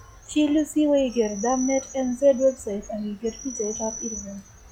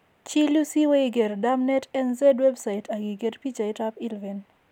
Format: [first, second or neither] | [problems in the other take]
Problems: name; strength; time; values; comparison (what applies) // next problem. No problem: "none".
second | noise reduction (classical method log-MMSE)